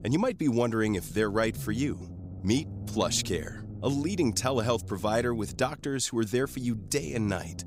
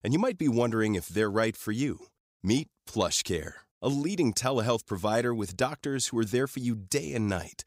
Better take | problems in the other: second | low rumble; faint; throughout; 20 dB below the speech

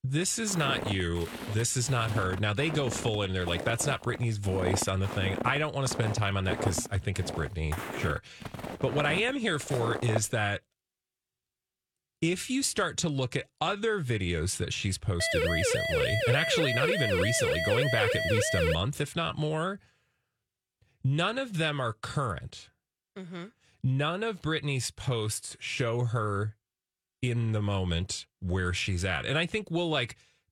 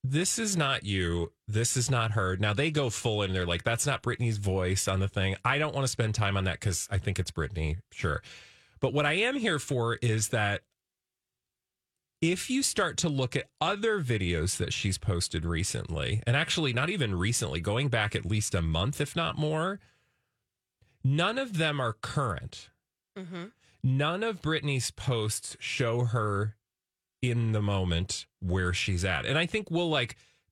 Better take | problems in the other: second | footsteps; noticeable; from 0.5 to 10 s; peak 3 dB below the speech // siren; loud; from 15 to 19 s; peak 2 dB above the speech

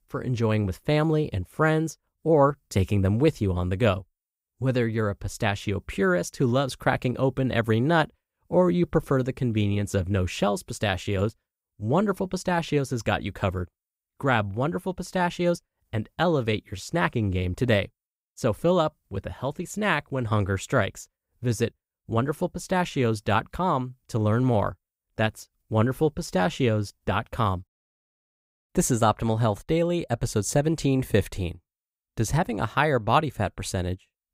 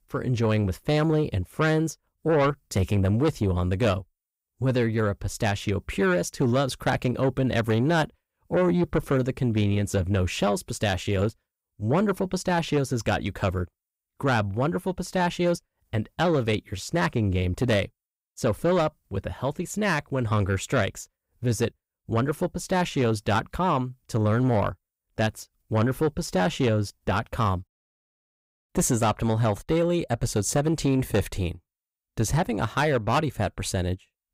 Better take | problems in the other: first | distortion; slight; 10 dB below the speech

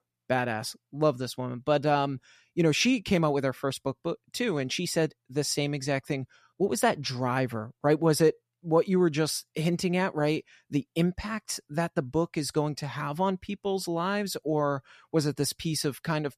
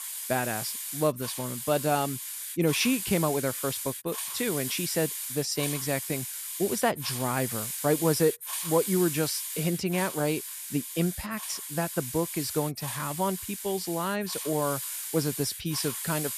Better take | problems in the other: first | hiss; loud; throughout; 4 dB below the speech

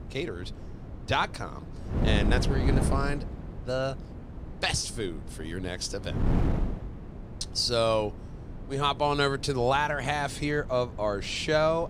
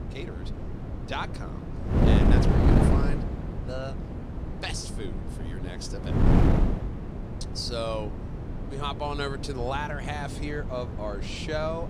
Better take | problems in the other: first | wind noise on the microphone; heavy; 2 dB below the speech; occasional gusts in the first

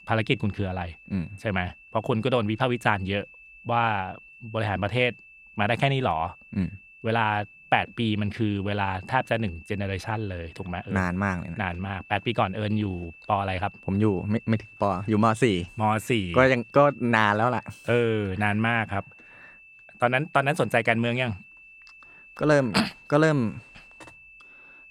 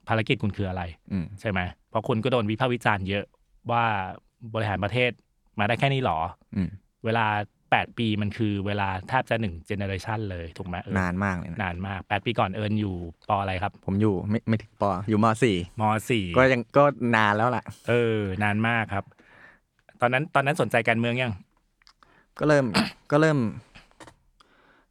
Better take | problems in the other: second | high-pitched whine; faint; throughout; 2.5 kHz, 20 dB below the speech

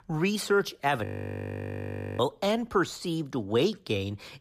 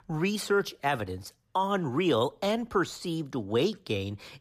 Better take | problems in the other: second | audio freezing; at 1 s for 1 s

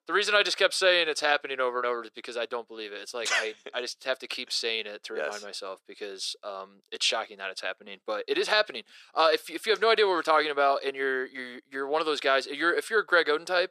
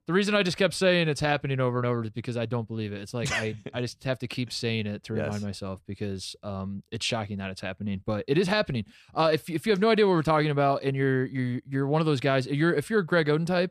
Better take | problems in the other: second | thin; very; fading below 400 Hz

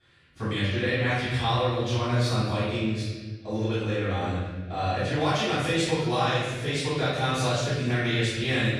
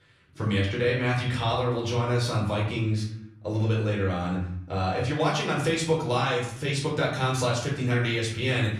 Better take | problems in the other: second | room echo; strong; dies away in 1.4 s; slight in the second // off-mic speech; far; far in the second

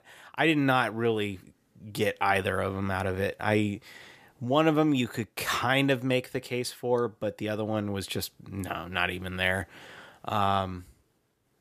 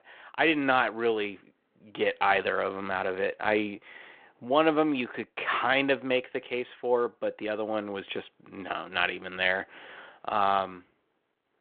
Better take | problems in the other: first | phone-call audio

